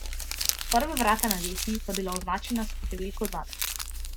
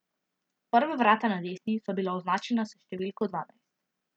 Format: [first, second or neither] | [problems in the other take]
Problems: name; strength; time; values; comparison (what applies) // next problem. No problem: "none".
second | background sound (Engine / Car + Crumpling, crinkling); 1 dB below the speech